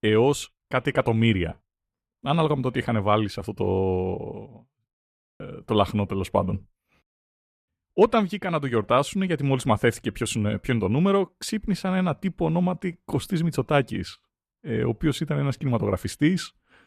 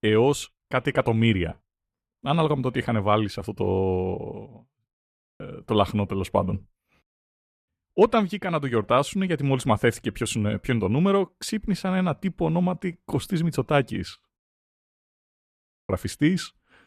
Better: first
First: none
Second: audio cutting out; at 14 s for 1.5 s

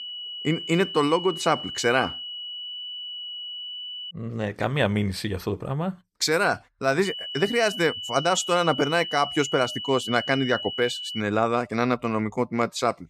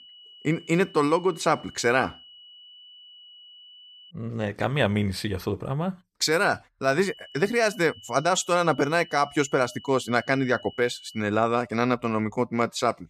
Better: second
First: high-pitched whine; loud; until 4 s and from 7 to 11 s; 3 kHz, 7 dB below the speech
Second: high-pitched whine; faint; until 4 s and from 7 to 11 s; 3 kHz, 20 dB below the speech

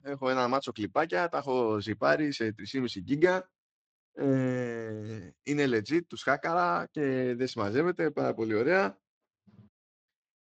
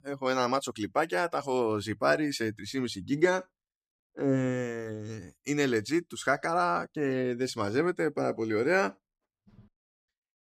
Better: second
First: garbled, watery; slightly; nothing above 7.5 kHz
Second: none

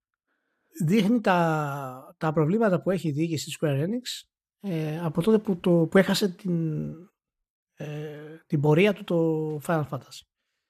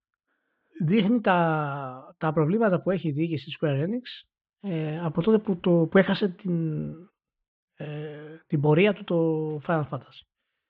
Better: first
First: none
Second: muffled; very; fading above 3.5 kHz

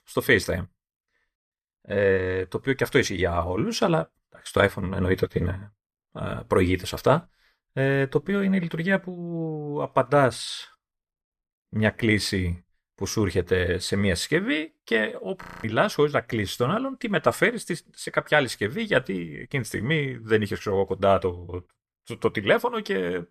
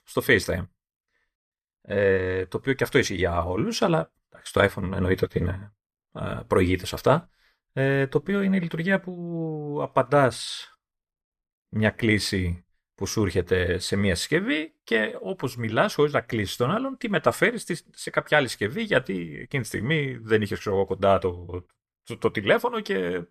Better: second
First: audio freezing; at 15 s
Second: none

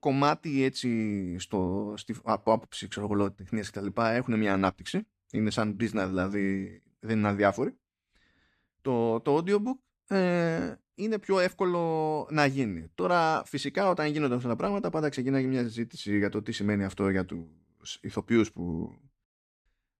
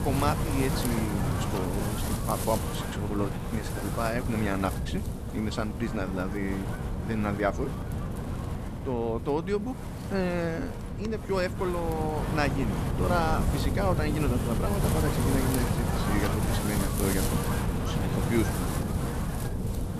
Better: first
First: none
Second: wind noise on the microphone; heavy; 3 dB below the speech

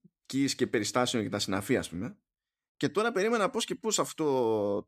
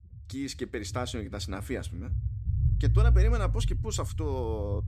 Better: first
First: none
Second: low rumble; noticeable; throughout; 10 dB below the speech

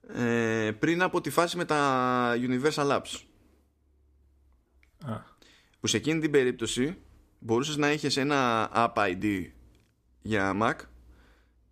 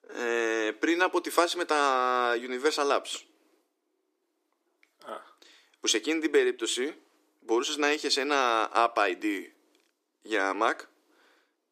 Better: first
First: none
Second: thin; somewhat; fading below 300 Hz

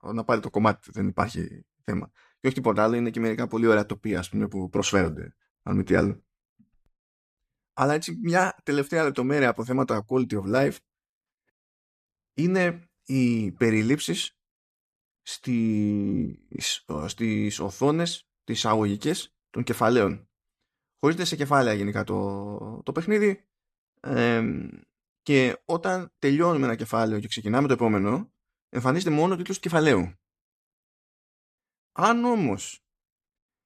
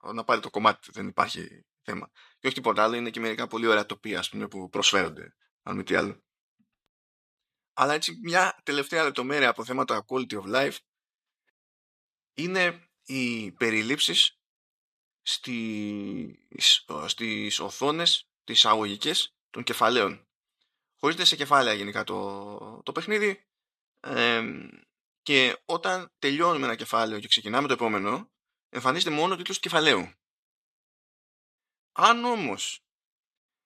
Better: first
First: none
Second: thin; somewhat; fading below 1 kHz

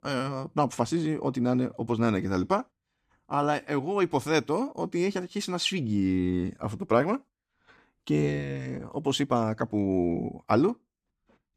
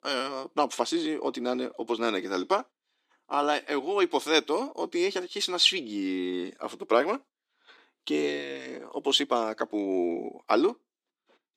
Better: first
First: none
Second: thin; very slightly; fading below 350 Hz

